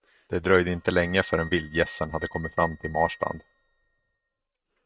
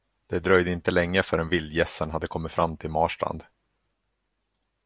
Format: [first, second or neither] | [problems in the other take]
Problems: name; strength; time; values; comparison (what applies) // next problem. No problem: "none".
second | noise reduction (neural mask model RNNoise)